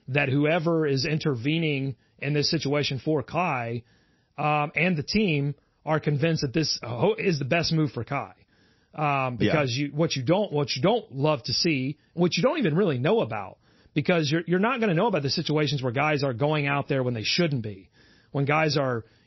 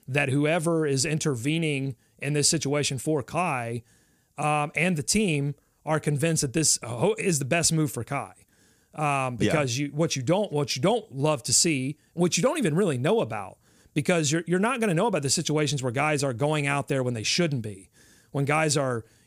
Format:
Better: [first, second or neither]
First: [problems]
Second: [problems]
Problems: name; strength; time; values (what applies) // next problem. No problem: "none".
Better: second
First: garbled, watery; slightly; nothing above 5.5 kHz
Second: none